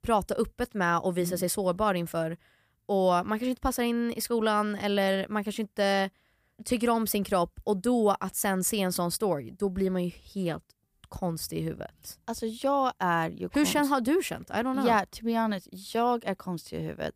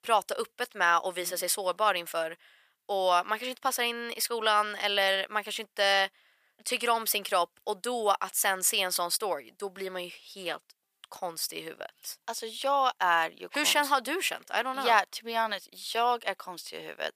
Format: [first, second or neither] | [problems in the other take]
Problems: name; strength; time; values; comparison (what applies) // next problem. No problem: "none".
first | thin; very; fading below 700 Hz